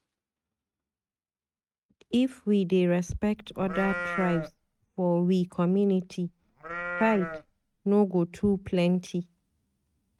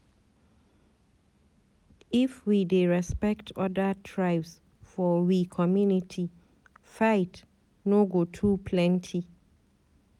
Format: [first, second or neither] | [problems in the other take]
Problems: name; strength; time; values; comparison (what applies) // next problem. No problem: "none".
second | noise reduction (neural mask model RNNoise)